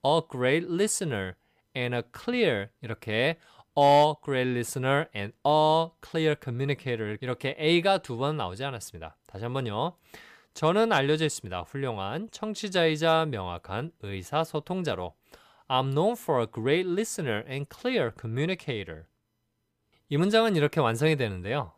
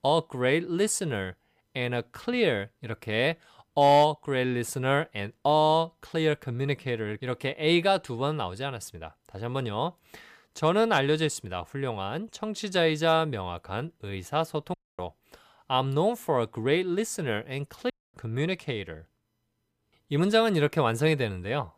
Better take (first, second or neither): first